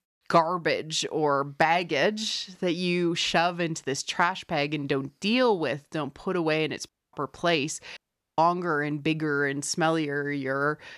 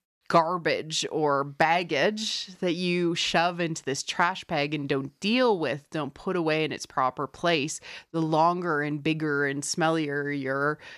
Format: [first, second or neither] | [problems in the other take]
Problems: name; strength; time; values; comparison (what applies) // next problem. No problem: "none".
second | audio cutting out; at 7 s and at 8 s